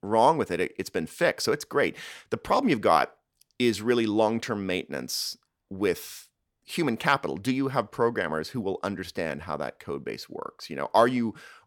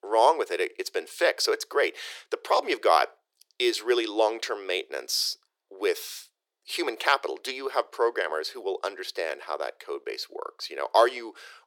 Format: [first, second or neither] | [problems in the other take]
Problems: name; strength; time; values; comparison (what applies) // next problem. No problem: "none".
first | thin; very; fading below 350 Hz